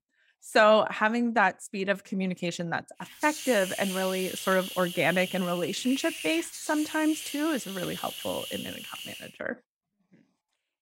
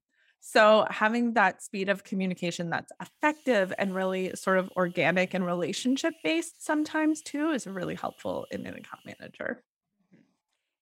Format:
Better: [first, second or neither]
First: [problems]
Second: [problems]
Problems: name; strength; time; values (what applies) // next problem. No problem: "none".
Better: second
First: hiss; loud; from 3 to 9 s; 9 dB below the speech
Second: hiss; faint; from 3 to 9 s; 30 dB below the speech